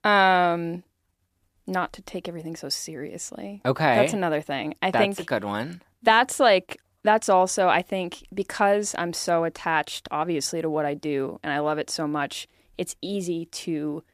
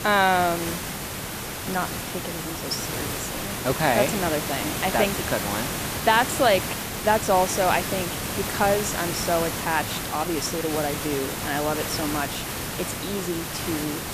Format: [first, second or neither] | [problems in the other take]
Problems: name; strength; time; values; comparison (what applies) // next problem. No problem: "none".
first | hiss; loud; throughout; 3 dB below the speech